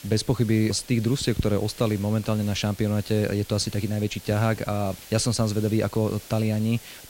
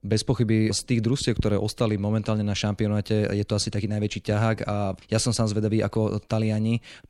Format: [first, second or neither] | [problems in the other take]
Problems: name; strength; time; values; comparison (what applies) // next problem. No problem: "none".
second | hiss; noticeable; throughout; 20 dB below the speech